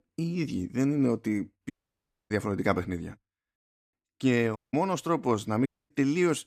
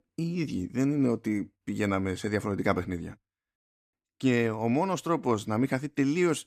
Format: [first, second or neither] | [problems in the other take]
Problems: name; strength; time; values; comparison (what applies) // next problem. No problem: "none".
second | audio cutting out; at 1.5 s for 0.5 s, at 4.5 s and at 5.5 s